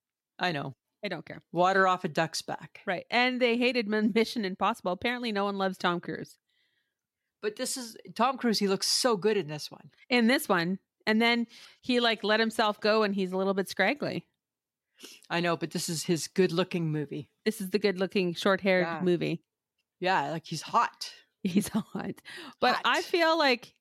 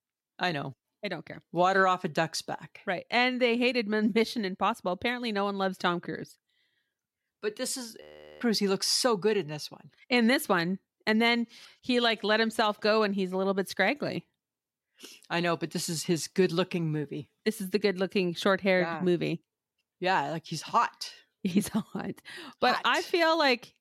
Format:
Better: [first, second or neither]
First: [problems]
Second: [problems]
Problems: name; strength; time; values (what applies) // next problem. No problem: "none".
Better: first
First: none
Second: audio freezing; at 8 s